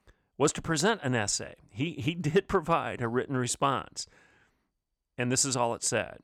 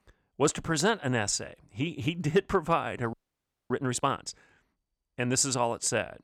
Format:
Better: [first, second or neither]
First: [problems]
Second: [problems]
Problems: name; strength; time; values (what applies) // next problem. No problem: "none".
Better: first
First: none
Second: audio freezing; at 3 s for 0.5 s